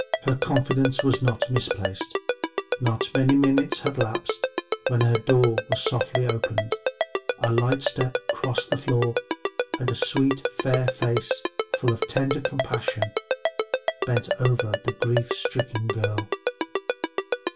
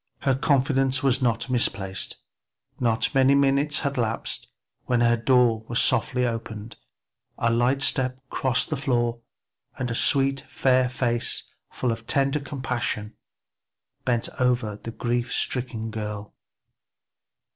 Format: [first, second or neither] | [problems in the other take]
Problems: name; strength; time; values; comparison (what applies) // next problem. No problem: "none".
second | background sound (Ringtone); 2 dB below the speech // room echo; dies away in 0.1 s